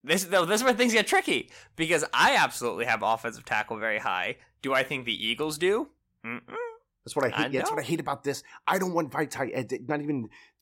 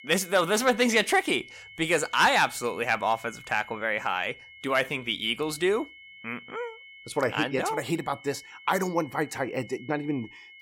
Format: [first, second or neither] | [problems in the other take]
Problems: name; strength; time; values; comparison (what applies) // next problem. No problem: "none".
first | high-pitched whine; noticeable; throughout; 2 kHz, 20 dB below the speech